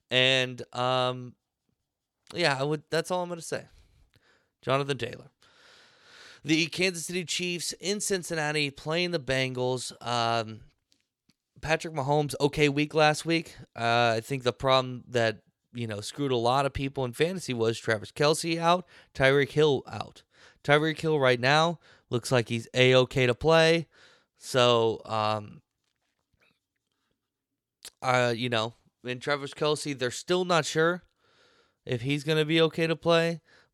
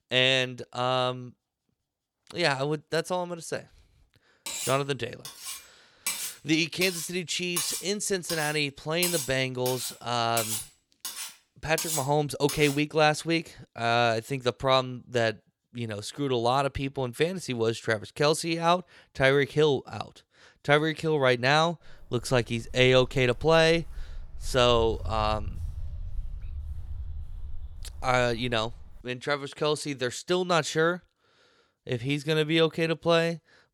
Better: first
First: none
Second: clattering dishes; noticeable; from 4.5 to 13 s; peak 2 dB below the speech // footsteps; faint; from 22 to 29 s; peak 10 dB below the speech

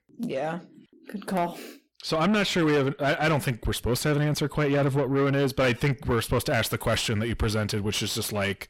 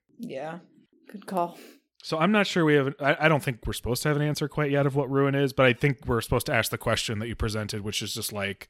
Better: second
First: distortion; heavy; 7 dB below the speech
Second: none

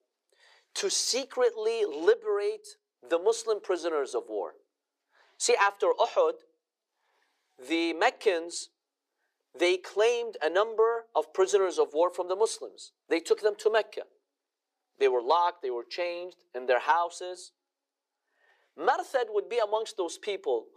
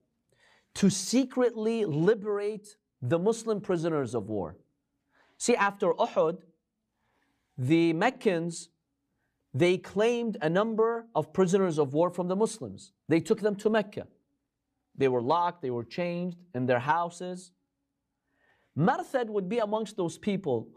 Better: second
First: thin; very; fading below 400 Hz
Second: none

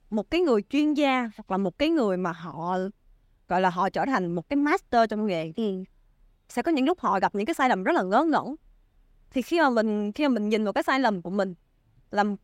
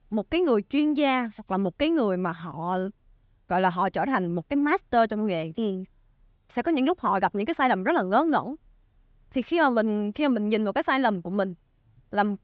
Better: first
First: none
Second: muffled; slightly; fading above 3.5 kHz

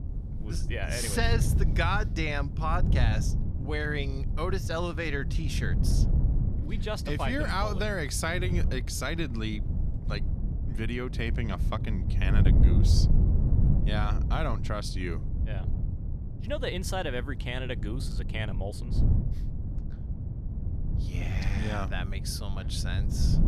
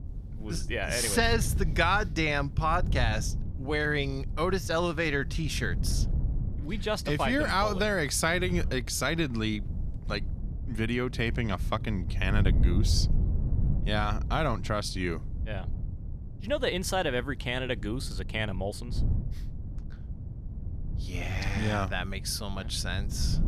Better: second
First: wind noise on the microphone; heavy; 10 dB below the speech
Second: wind noise on the microphone; occasional gusts; 20 dB below the speech

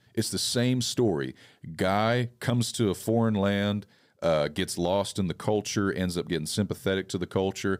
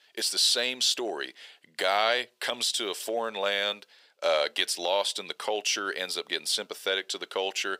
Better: first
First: none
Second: thin; very; fading below 500 Hz

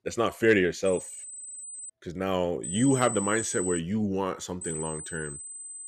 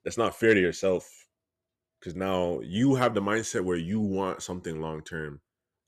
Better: second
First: high-pitched whine; loud; from 1 to 2 s, from 2.5 to 4 s and from 4.5 s on; 8 kHz, 7 dB below the speech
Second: none

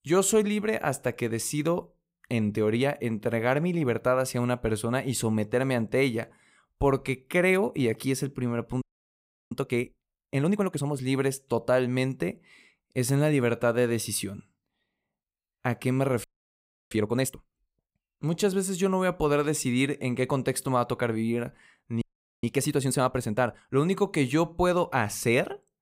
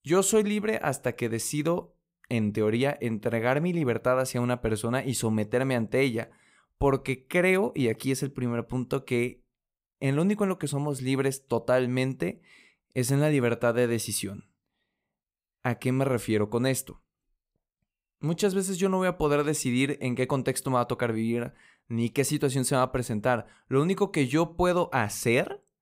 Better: second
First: audio freezing; at 9 s for 0.5 s, at 16 s for 0.5 s and at 22 s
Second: none

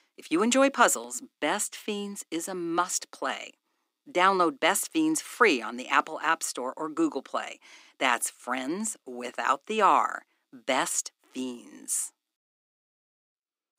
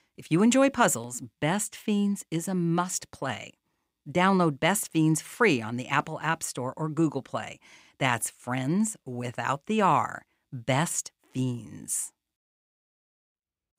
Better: second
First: thin; somewhat; fading below 250 Hz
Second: none

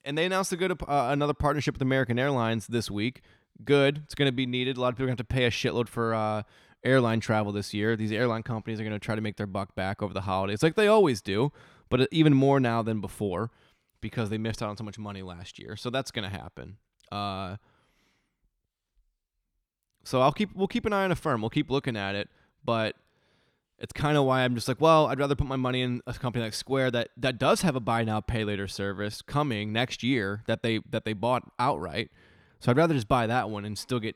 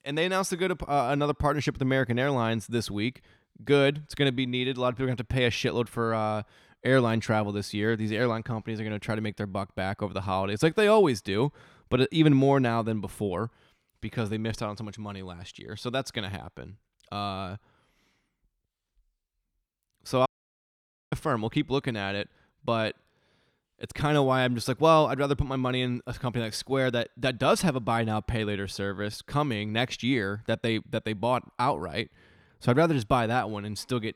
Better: first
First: none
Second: audio cutting out; at 20 s for 1 s

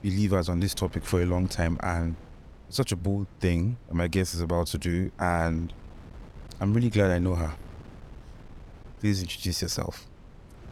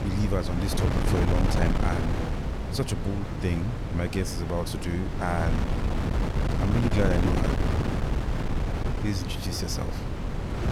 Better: first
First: wind noise on the microphone; occasional gusts; 20 dB below the speech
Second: wind noise on the microphone; heavy; 1 dB below the speech

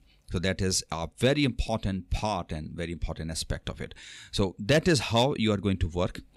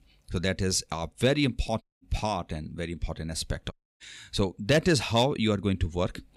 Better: first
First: none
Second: audio cutting out; at 2 s and at 3.5 s

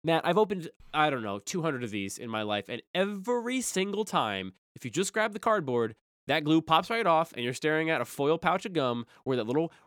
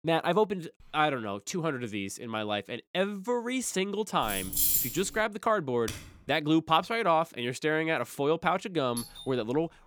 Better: first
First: none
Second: jangling keys; loud; at 4 s; peak 6 dB above the speech // keyboard typing; faint; at 6 s; peak 10 dB below the speech // doorbell; faint; at 9 s; peak 10 dB below the speech

